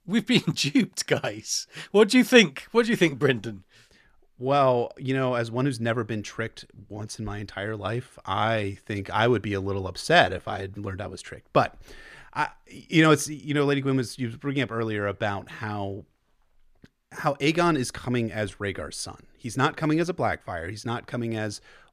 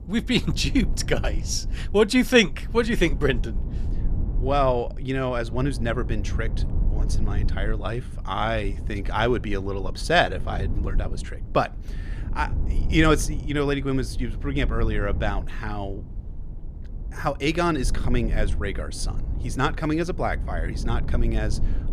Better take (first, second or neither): first